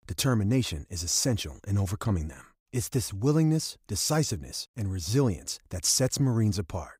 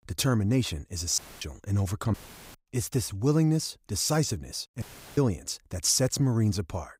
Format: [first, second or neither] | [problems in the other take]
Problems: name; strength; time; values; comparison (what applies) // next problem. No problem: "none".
first | audio cutting out; filled with static; at 1 s, at 2 s and at 5 s